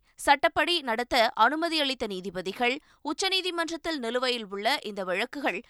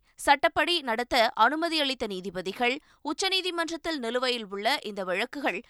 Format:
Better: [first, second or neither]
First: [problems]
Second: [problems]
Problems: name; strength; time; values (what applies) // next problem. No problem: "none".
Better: neither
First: none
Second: none